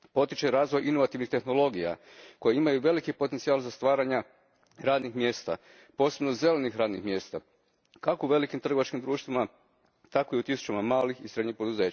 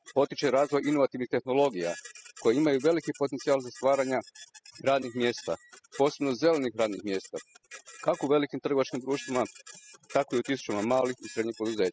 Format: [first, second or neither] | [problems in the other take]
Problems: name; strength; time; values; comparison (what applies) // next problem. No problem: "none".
first | noise reduction (classical method spectral subtraction)